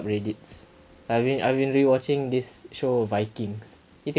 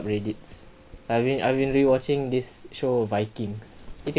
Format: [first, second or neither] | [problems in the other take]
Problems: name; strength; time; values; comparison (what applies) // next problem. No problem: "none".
first | background sound (Wind); 19 dB below the speech